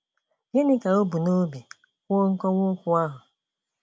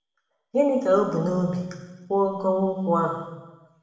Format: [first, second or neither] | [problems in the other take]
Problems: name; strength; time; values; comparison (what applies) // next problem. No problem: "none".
first | room echo; dies away in 1.1 s